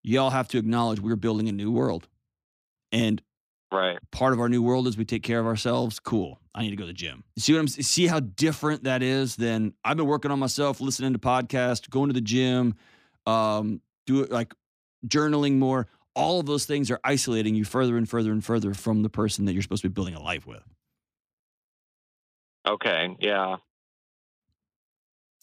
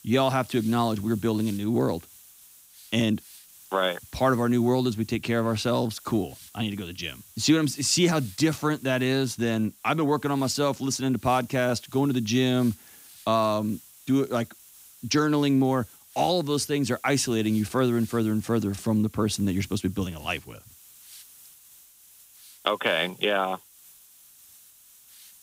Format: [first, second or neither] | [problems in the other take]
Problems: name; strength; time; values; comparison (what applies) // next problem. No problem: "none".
first | hiss; faint; throughout; 20 dB below the speech